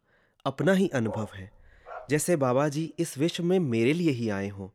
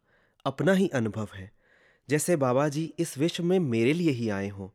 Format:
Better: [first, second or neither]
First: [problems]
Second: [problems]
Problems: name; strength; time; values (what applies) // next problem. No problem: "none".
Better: second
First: dog barking; faint; from 1 to 2 s; peak 15 dB below the speech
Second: none